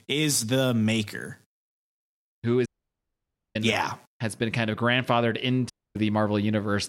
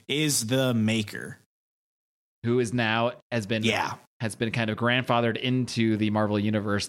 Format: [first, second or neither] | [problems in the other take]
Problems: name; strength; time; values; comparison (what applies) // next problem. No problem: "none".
second | audio cutting out; at 2.5 s for 1 s and at 5.5 s